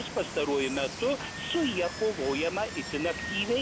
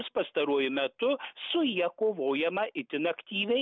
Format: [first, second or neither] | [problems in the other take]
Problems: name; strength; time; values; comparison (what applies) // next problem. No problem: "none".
second | background sound (Water); 8 dB below the speech